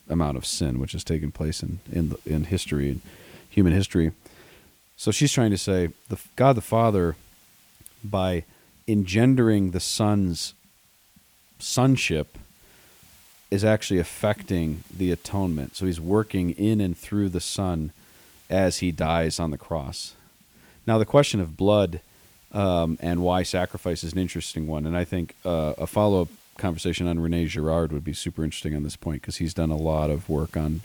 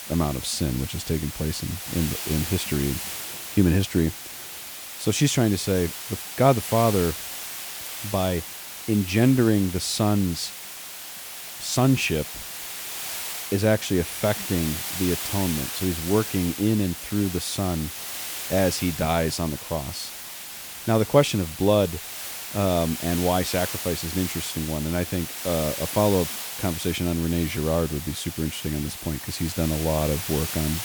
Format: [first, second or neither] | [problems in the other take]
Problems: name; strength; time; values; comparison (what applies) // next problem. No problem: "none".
first | hiss; loud; throughout; 7 dB below the speech; faint in the first